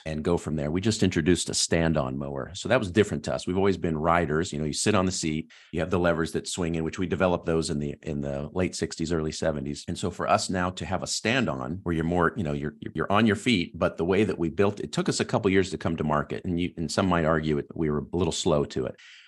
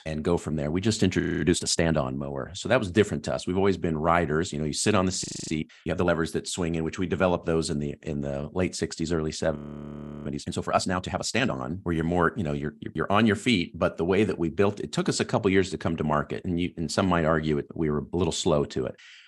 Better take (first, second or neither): first